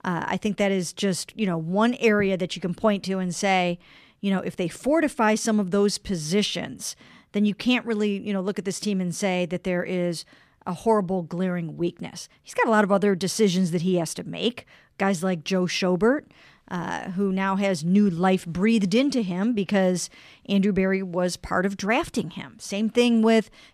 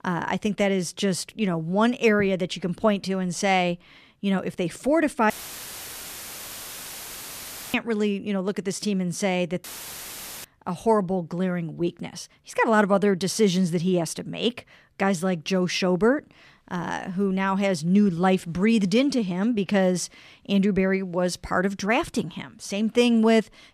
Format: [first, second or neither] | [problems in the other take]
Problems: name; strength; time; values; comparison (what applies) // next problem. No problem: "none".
first | audio cutting out; filled with static; at 5.5 s for 2.5 s and at 9.5 s for 1 s